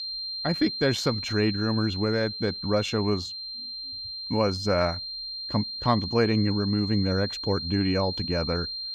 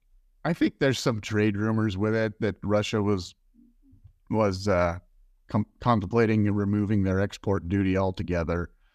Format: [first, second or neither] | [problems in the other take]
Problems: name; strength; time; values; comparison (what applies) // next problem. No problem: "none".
second | high-pitched whine; loud; throughout; 4 kHz, 5 dB below the speech